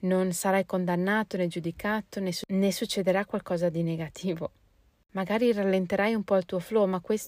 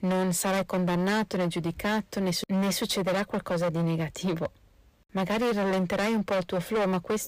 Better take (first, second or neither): first